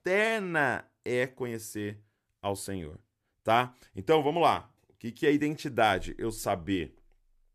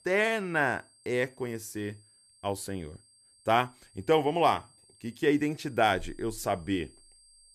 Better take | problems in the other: first | high-pitched whine; faint; throughout; 8.5 kHz, 30 dB below the speech

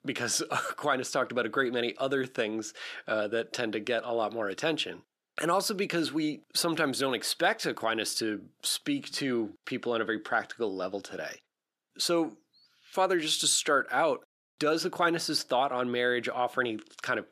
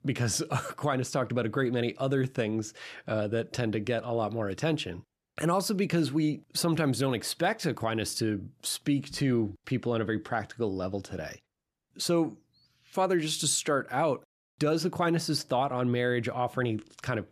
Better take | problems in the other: second | thin; somewhat; fading below 300 Hz

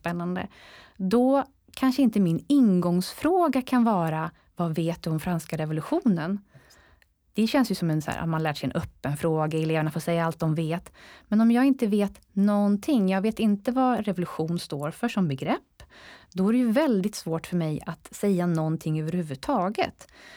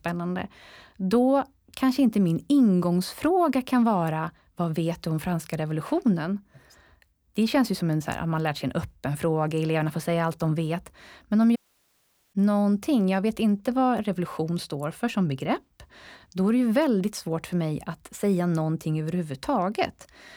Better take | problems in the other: first | audio cutting out; at 12 s for 1 s

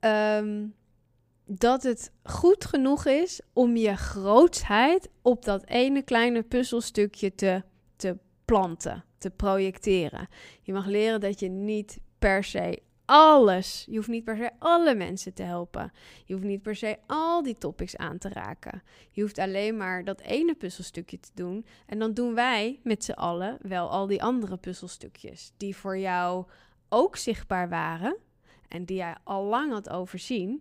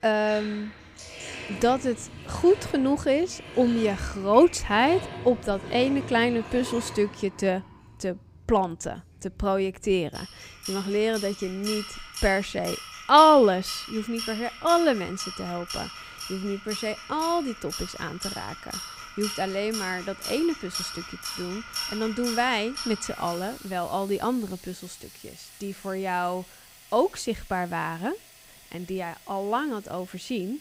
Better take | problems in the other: first | household noises; noticeable; throughout; 10 dB below the speech

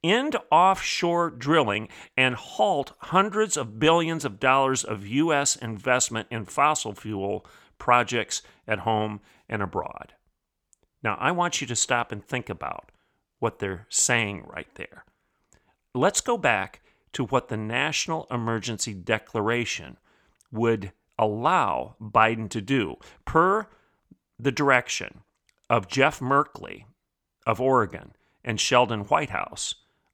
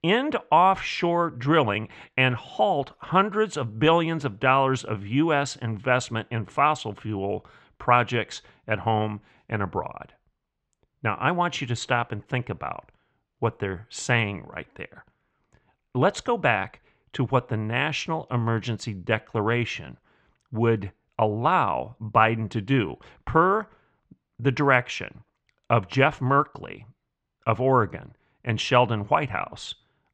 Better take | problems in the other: first | muffled; slightly; fading above 3.5 kHz

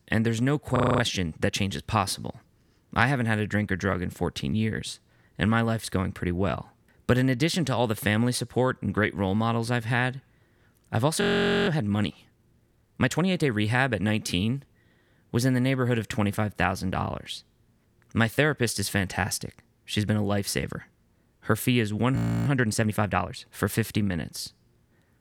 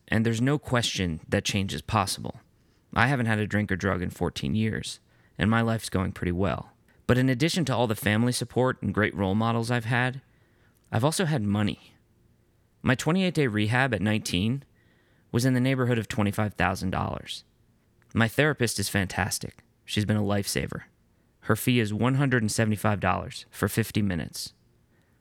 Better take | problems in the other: second | audio freezing; at 1 s, at 11 s and at 22 s

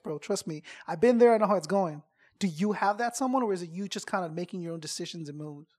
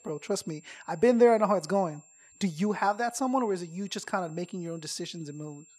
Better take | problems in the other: first | high-pitched whine; faint; throughout; 7.5 kHz, 25 dB below the speech

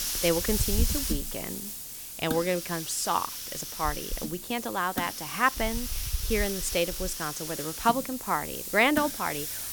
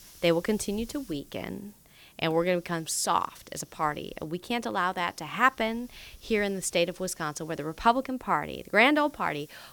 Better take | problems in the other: second | hiss; loud; throughout; 3 dB below the speech; faint in the second

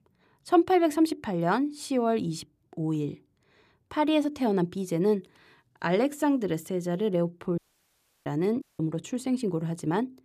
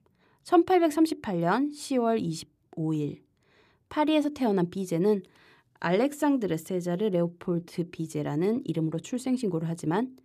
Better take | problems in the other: second | audio cutting out; at 7.5 s for 0.5 s and at 8.5 s

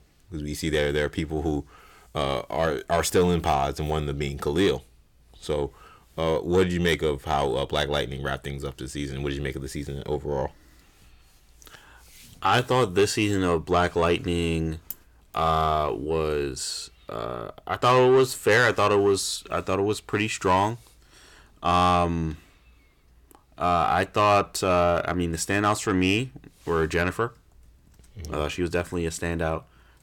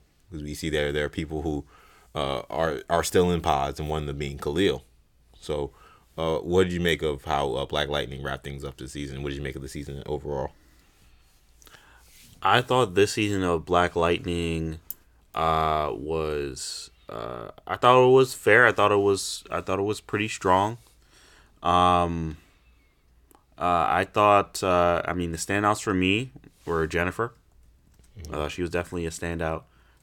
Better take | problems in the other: second | distortion; slight; 10 dB below the speech

